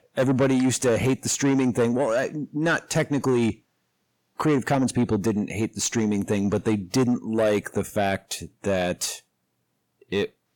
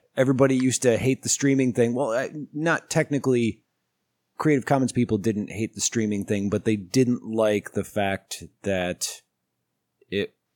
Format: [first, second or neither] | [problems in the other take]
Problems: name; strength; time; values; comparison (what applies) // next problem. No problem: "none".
second | distortion; slight; 10 dB below the speech